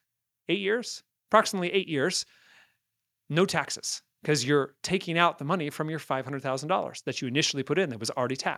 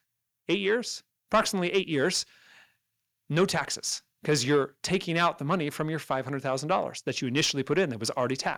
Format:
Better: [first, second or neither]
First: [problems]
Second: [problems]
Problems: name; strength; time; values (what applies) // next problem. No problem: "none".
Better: first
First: none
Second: distortion; slight; 10 dB below the speech